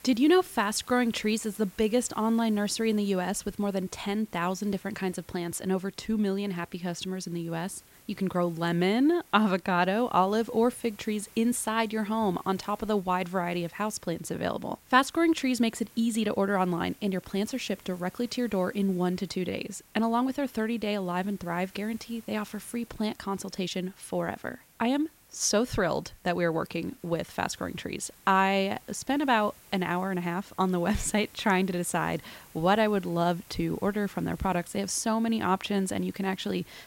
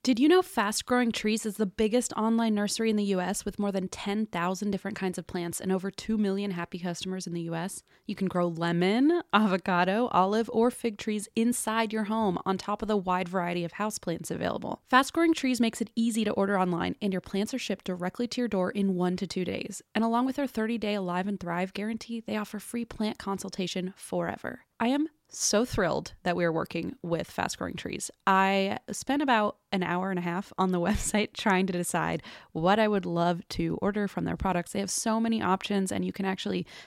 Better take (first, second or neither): second